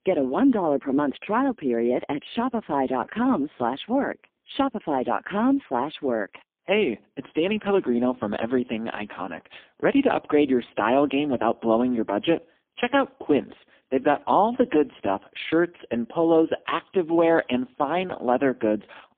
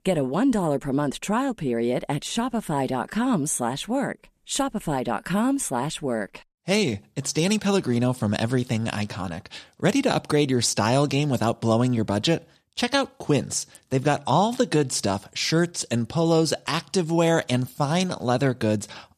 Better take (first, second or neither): second